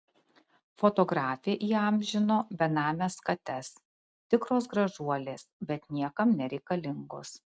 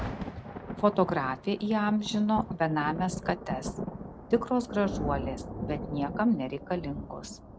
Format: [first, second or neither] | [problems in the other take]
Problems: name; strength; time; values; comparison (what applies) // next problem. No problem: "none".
first | background sound (Thunder); 8 dB below the speech